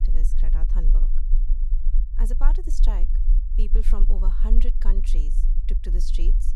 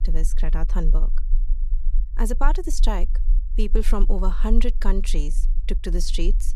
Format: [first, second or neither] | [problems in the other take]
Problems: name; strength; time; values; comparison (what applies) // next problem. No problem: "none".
second | low rumble; loud; throughout; 9 dB below the speech; faint in the second